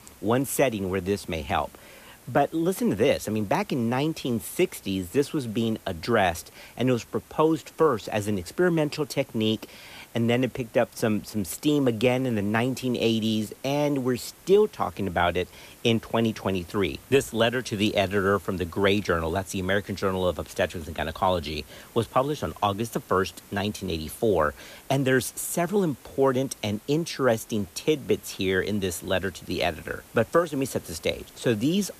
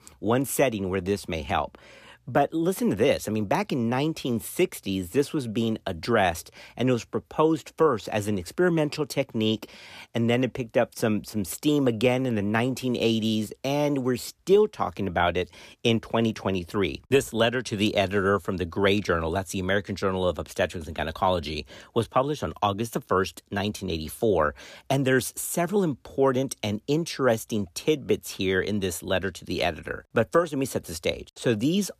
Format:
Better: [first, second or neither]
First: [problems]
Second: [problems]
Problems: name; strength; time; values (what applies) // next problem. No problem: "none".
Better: second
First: hiss; faint; throughout; 25 dB below the speech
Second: none